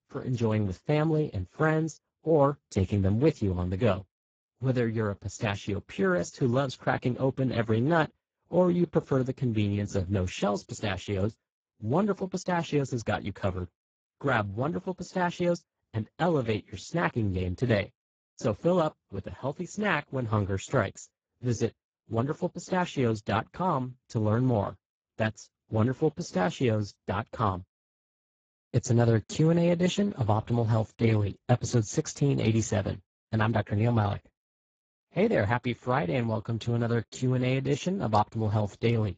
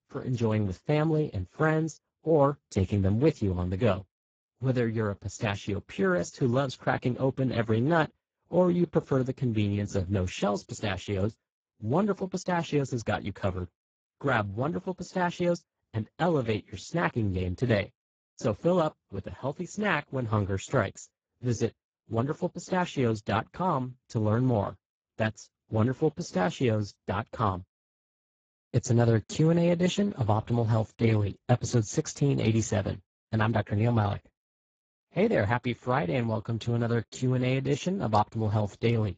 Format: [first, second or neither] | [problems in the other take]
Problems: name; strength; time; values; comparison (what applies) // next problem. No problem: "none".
neither | garbled, watery; badly; nothing above 7.5 kHz; the same in both